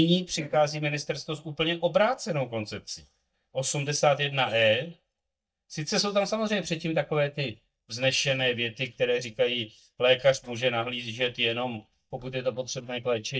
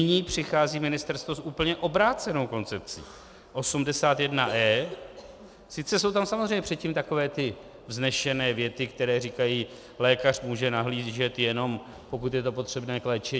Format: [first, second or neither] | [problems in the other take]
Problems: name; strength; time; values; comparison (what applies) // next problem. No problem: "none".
second | noise reduction (neural mask model DeepFilterNet 3)